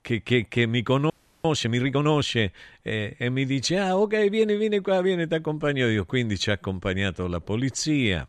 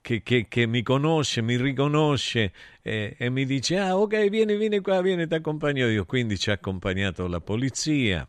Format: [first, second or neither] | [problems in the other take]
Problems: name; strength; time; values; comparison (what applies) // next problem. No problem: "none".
second | audio freezing; at 1 s